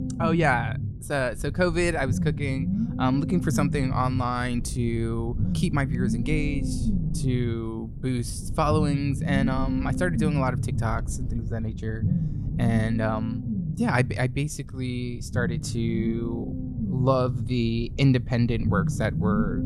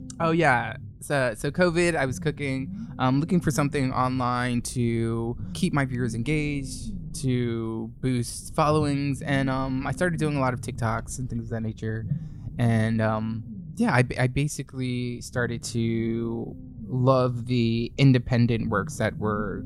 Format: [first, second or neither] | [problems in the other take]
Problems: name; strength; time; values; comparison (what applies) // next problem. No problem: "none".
second | low rumble; loud; throughout; 9 dB below the speech; faint in the second